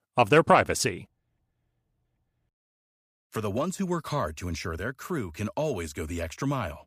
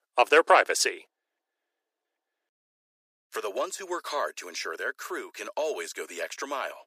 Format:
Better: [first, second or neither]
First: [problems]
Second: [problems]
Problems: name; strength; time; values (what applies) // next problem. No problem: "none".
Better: first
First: none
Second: thin; very; fading below 350 Hz